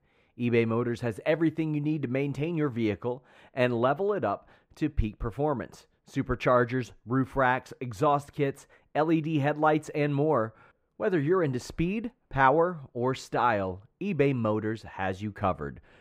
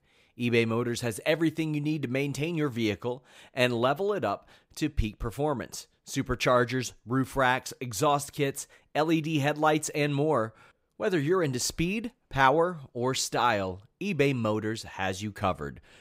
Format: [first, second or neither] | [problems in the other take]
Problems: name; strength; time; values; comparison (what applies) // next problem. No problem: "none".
second | muffled; slightly; fading above 3 kHz